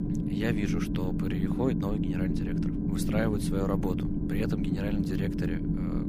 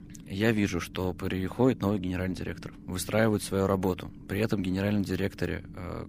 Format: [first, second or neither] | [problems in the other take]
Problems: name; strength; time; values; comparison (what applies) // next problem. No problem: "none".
second | low rumble; loud; throughout; as loud as the speech; faint in the second